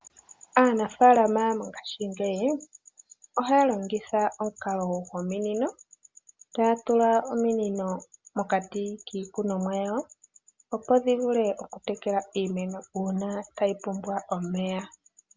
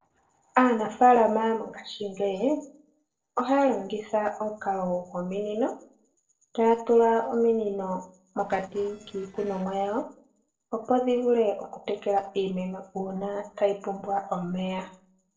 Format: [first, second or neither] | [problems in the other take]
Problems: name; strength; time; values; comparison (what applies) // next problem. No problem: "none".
first | noise reduction (neural separator model SepFormer DNS4)